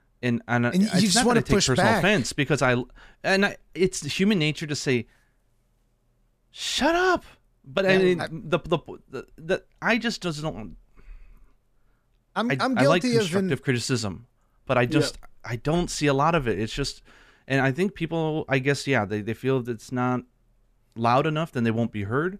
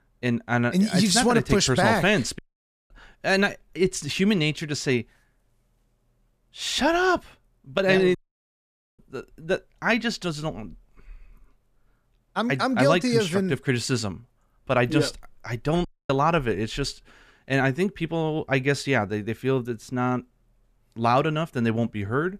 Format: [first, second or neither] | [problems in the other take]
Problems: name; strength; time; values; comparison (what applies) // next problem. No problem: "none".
first | audio cutting out; at 2.5 s for 0.5 s, at 8 s for 1 s and at 16 s